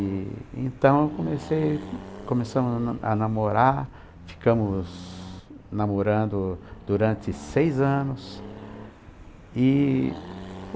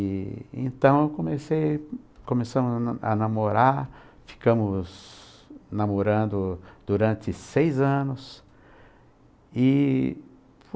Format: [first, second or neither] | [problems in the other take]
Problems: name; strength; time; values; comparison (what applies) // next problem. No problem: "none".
second | background sound (Accelerating, revving, vroom); 16 dB below the speech